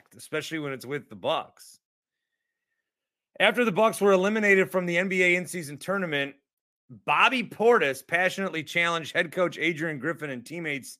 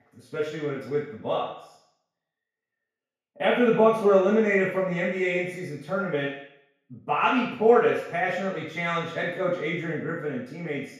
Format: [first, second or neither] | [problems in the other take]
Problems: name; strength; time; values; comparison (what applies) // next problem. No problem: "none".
first | room echo; noticeable; dies away in 0.7 s // off-mic speech; far